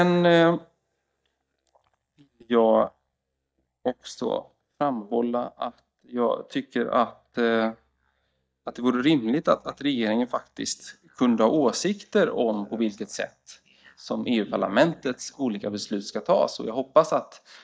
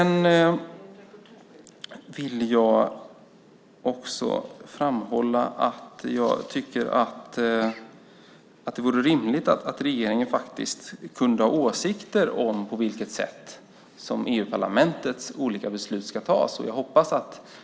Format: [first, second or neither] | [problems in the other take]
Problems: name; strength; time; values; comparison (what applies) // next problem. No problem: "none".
second | noise reduction (neural mask model DeepFilterNet 3)